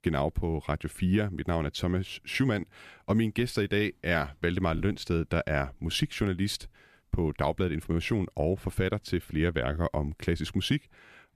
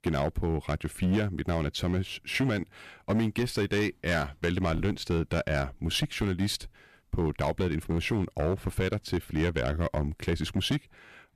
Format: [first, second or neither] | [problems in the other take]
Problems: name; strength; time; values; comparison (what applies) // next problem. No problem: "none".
first | distortion; slight; 8% of the sound clipped